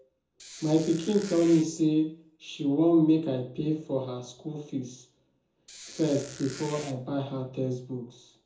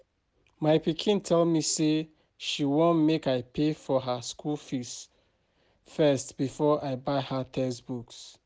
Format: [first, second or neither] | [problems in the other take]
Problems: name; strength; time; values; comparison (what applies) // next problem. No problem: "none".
second | background sound (Squeak); 16 dB below the speech // room echo; dies away in 0.5 s